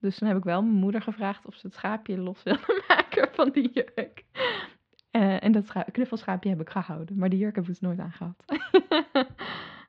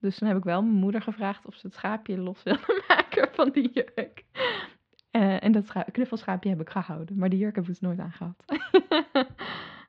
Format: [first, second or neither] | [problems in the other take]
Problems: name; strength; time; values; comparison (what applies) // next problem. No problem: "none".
neither | muffled; slightly; fading above 3.5 kHz; the same in both